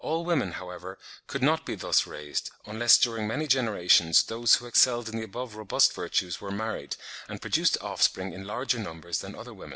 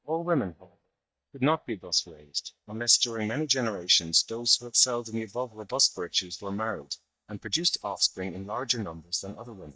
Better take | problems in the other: first | noise reduction (neural mask model DeepFilterNet 3)

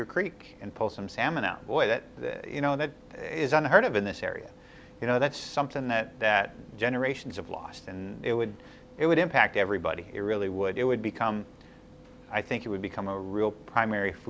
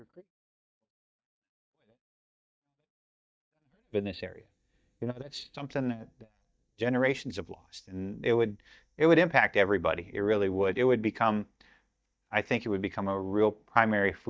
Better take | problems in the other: first | noise reduction (neural mask model DeepFilterNet 3)

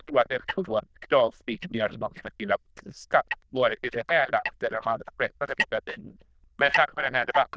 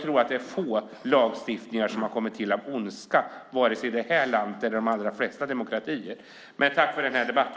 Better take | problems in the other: second | noise reduction (neural diffusion model UNIVERSE++)

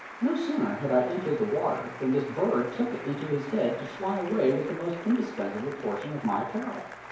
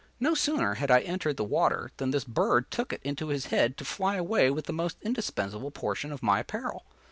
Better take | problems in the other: second | background sound (Applause); 14 dB below the speech // room echo; dies away in 2.4 s

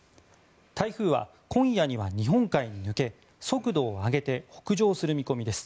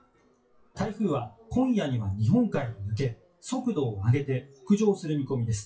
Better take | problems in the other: first | noise reduction (classical method WPE with log-MMSE)

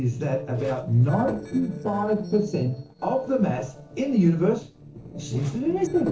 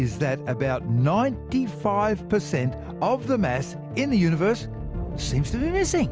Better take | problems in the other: second | noise reduction (neural separator model SepFormer DNS4)

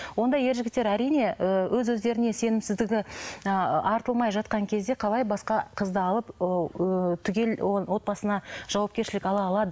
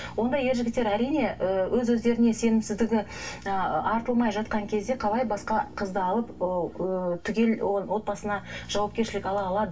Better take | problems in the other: first | background sound (Drill); 19 dB below the speech // room echo; dies away in 0.1 s

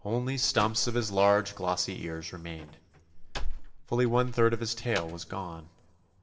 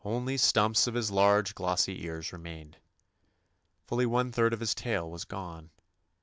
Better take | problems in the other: second | background sound (Slam); 7 dB below the speech // room echo; dies away in 1 s

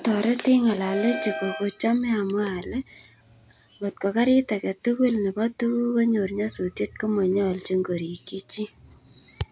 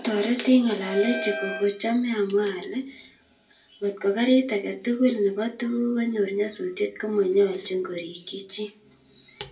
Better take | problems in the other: first | room echo; dies away in 0.2 s

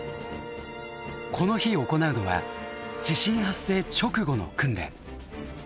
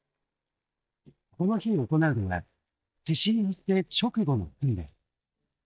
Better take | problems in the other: first | noise reduction (neural mask model DeepFilterNet 3)

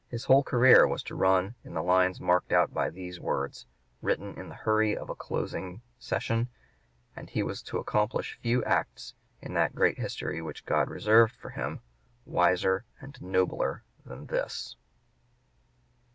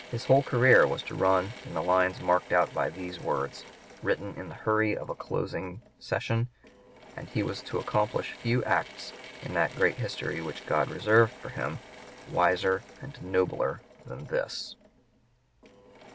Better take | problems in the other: first | background sound (Drill / Mechanisms); 19 dB below the speech

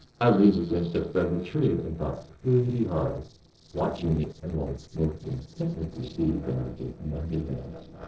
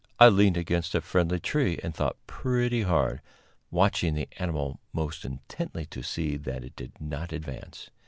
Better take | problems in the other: second | noise reduction (neural separator model SepFormer DNS4)

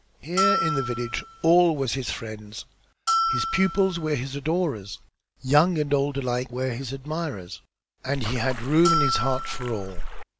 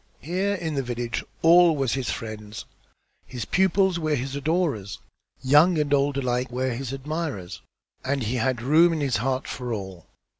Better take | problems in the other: second | background sound (Splash, splatter + Bell); 1 dB below the speech

